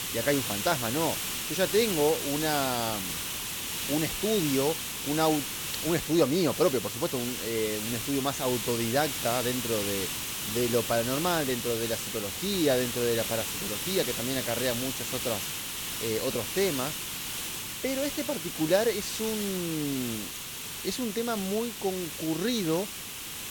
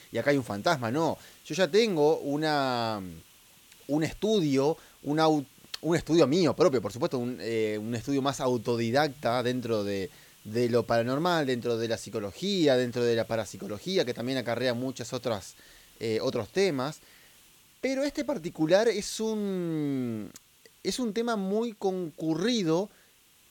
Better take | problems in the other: second | hiss; loud; throughout; 2 dB below the speech; faint in the second

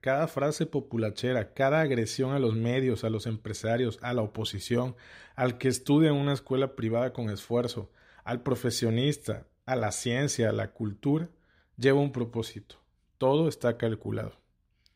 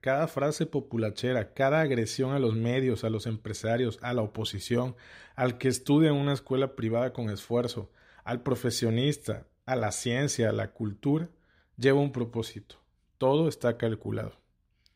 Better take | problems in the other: neither | none

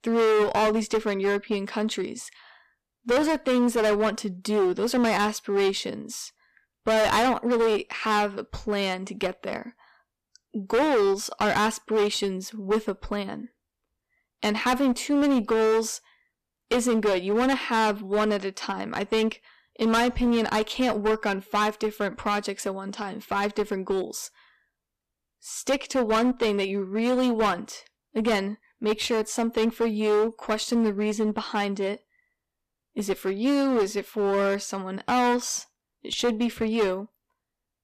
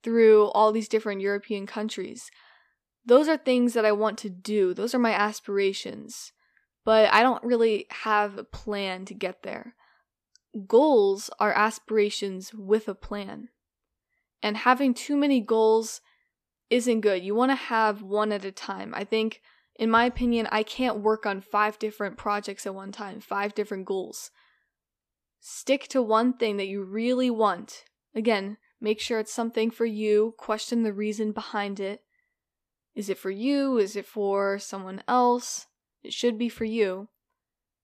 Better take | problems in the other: second | distortion; heavy; 14% of the sound clipped

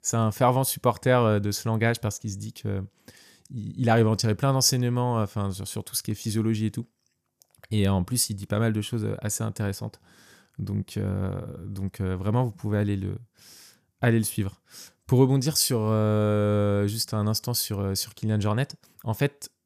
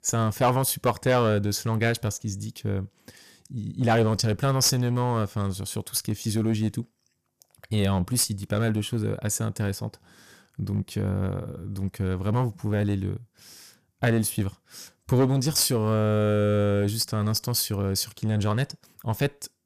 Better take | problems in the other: first | distortion; slight; 5% of the sound clipped

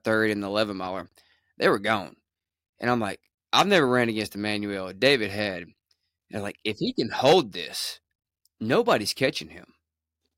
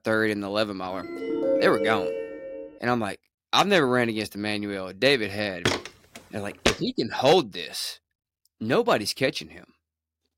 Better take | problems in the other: first | phone ringing; loud; from 1 to 2.5 s; peak level with the speech // footsteps; noticeable; from 5.5 to 6.5 s; peak level with the speech

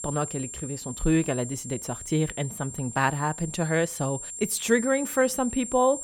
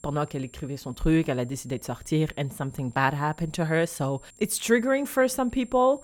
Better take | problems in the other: second | high-pitched whine; loud; throughout; 7.5 kHz, 9 dB below the speech; faint in the second

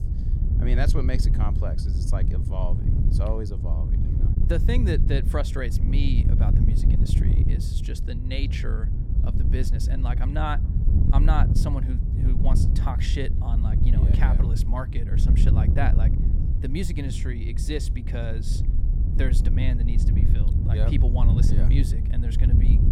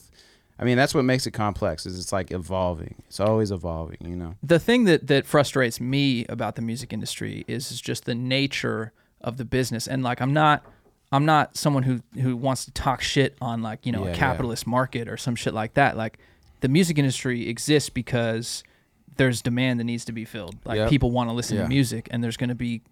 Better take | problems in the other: second | wind noise on the microphone; heavy; 3 dB below the speech

